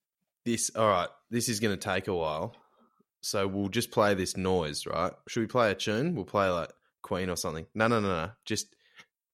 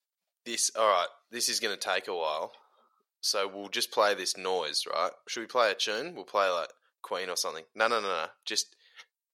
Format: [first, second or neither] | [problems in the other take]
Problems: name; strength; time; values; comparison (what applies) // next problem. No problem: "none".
first | thin; very; fading below 600 Hz